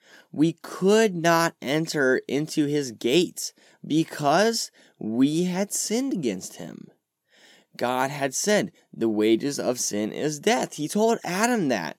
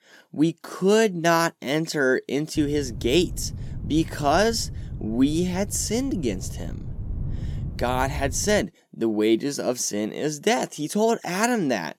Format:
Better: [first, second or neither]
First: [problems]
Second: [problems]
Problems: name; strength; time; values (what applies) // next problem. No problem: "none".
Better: first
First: none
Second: wind noise on the microphone; occasional gusts; from 2.5 to 8.5 s; 20 dB below the speech